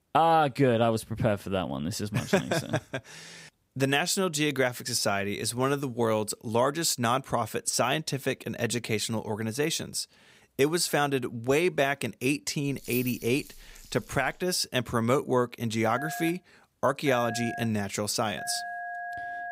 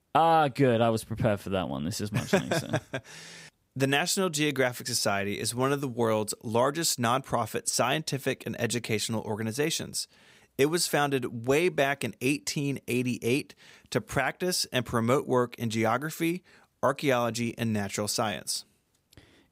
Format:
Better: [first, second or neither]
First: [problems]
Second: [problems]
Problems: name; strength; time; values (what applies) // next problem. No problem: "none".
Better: second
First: jangling keys; noticeable; from 13 to 14 s; peak 9 dB below the speech // phone ringing; noticeable; from 16 s on; peak 8 dB below the speech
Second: none